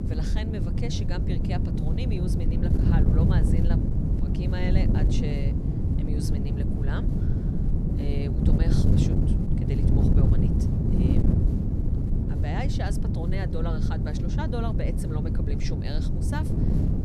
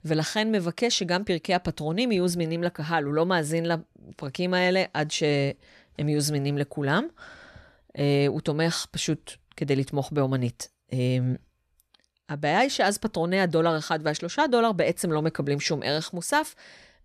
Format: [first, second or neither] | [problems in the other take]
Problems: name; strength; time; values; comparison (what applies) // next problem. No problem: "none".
second | wind noise on the microphone; heavy; 3 dB above the speech